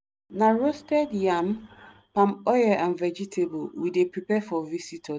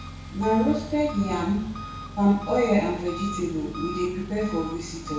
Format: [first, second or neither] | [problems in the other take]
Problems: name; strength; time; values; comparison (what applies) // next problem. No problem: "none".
first | background sound (Engine); 11 dB below the speech // room echo; dies away in 0.6 s